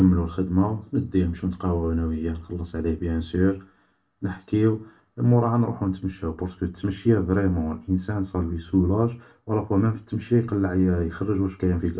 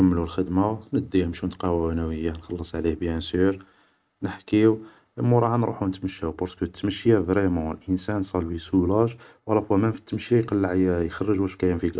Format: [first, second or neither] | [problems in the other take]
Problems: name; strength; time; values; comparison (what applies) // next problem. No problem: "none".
second | room echo; dies away in 0.2 s